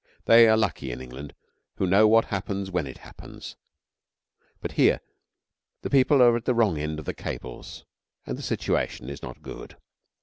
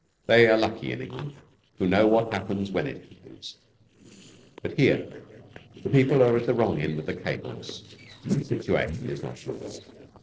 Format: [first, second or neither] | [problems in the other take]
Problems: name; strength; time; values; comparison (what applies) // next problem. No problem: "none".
first | noise reduction (neural separator model SepFormer DNS4)